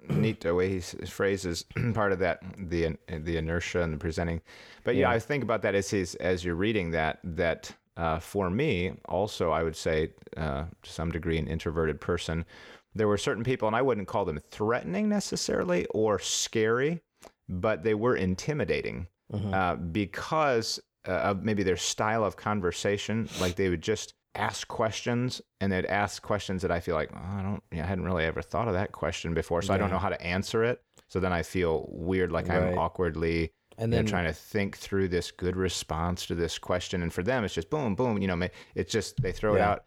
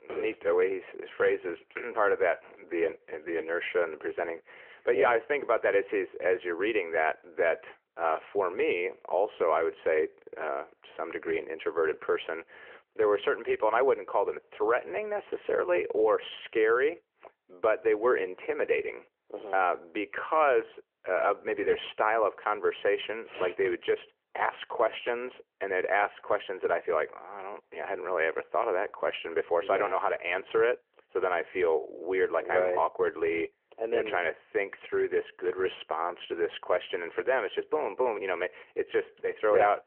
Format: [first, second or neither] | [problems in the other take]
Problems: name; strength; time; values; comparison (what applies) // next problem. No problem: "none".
first | phone-call audio; nothing above 3 kHz